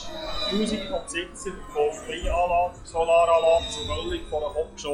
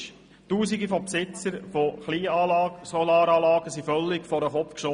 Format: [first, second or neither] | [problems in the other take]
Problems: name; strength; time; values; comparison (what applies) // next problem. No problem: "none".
second | noise reduction (classical method log-MMSE)